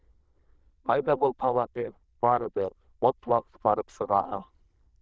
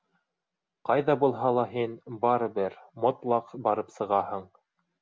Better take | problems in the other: second | noise reduction (neural diffusion model UNIVERSE++)

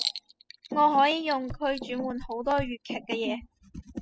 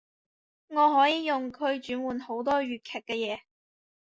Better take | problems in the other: second | noise reduction (classical method spectral subtraction)

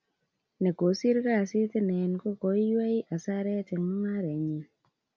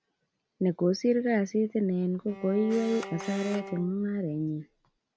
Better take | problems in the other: first | background sound (Bowed string instrument + Camera); 14 dB below the speech

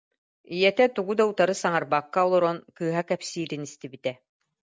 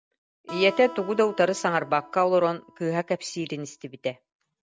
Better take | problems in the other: first | background sound (Acoustic guitar); 18 dB below the speech

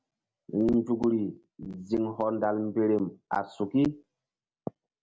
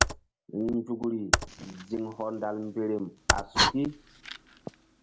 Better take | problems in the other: first | background sound (Computer keyboard + Fire); 2 dB above the speech

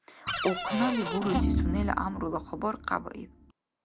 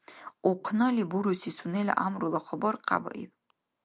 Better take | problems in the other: second | background sound (Cupboard open or close + Organ); as loud as the speech

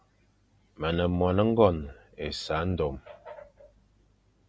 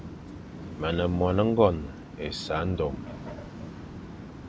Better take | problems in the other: first | background sound (Waves, surf); 11 dB below the speech

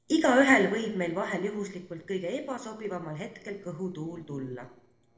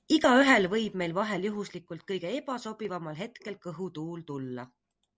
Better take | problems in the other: second | noise reduction (neural separator model SepFormer DNS4)

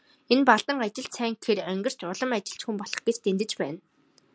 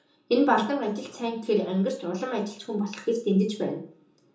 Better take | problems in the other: first | room echo; dies away in 1 s

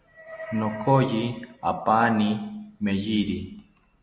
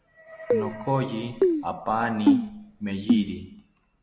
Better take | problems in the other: first | background sound (Keyboard (musical)); 4 dB above the speech

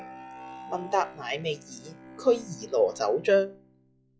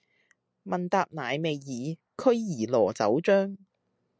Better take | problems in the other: second | noise reduction (classical method log-MMSE)

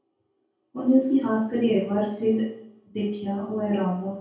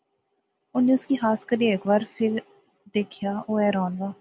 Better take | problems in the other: second | room echo; dies away in 0.6 s

